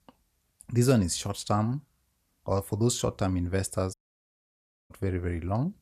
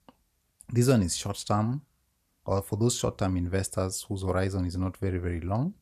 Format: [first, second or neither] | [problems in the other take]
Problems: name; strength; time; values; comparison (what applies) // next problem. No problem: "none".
second | audio cutting out; at 4 s for 1 s